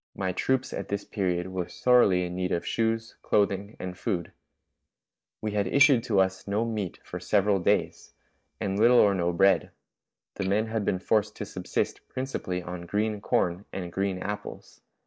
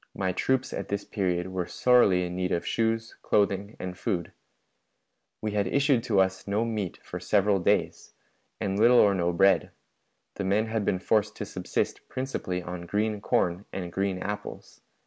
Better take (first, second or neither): second